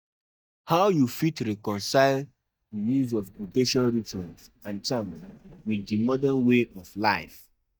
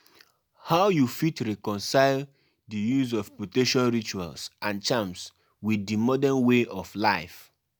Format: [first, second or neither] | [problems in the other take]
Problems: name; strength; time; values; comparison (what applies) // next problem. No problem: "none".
second | noise reduction (neural mask model DeepFilterNet 3)